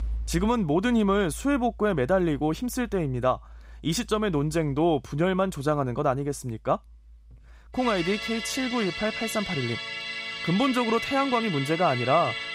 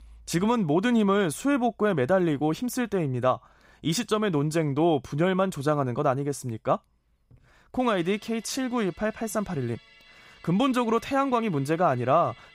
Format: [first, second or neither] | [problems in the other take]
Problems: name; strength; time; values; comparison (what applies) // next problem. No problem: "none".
second | background music; loud; throughout; 6 dB below the speech; faint in the second